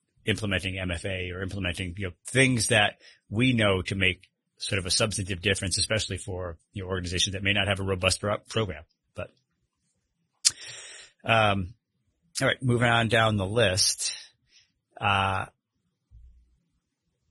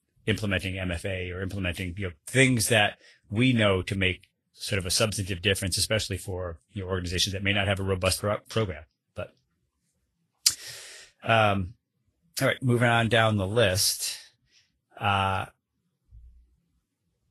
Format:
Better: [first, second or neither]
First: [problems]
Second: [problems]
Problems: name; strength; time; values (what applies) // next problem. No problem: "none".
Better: second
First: garbled, watery; badly; nothing above 10.5 kHz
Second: garbled, watery; slightly; nothing above 12 kHz